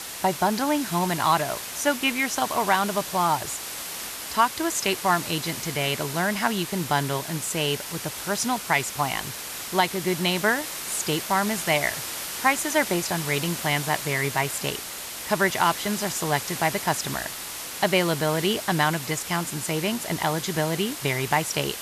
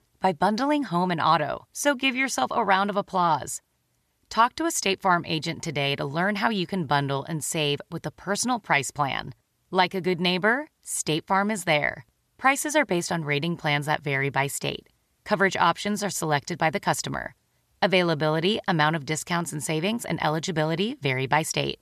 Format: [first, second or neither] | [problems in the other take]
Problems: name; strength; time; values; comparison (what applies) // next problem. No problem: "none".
second | hiss; loud; throughout; 7 dB below the speech